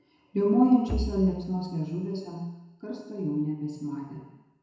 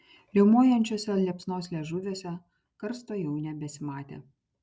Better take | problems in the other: second | background sound (Bowed string instrument); 7 dB below the speech // room echo; dies away in 0.9 s

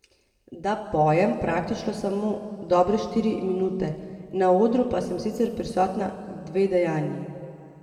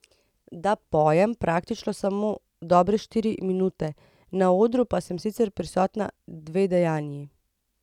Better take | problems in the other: second | room echo; dies away in 2 s

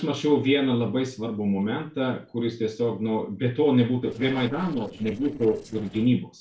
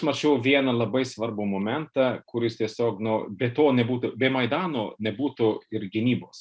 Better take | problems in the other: second | noise reduction (neural separator model SepFormer DNS4)

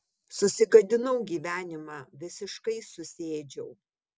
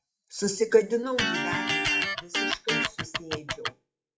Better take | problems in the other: first | noise reduction (classical method WPE with log-MMSE)

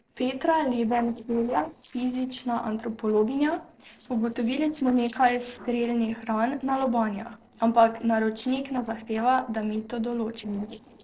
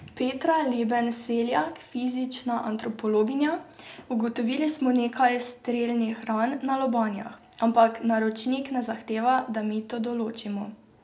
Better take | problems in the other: second | noise reduction (neural separator model SepFormer DNS4)

